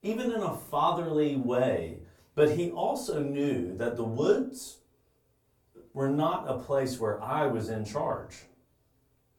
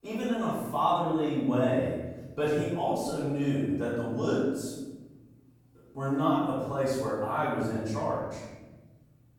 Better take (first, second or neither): first